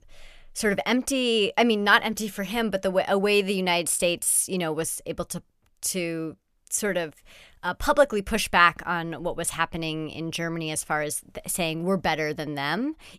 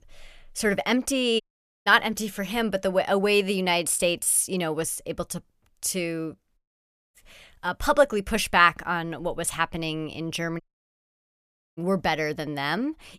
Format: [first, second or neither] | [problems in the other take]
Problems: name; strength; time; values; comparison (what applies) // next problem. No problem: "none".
first | audio cutting out; at 1.5 s, at 6.5 s for 0.5 s and at 11 s for 1 s